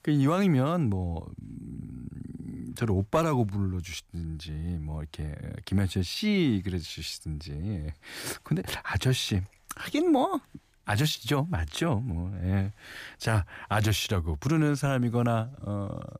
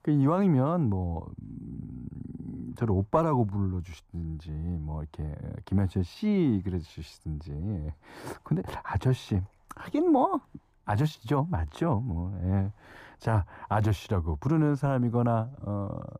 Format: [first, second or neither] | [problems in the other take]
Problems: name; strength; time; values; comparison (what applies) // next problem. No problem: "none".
first | muffled; slightly; fading above 1.5 kHz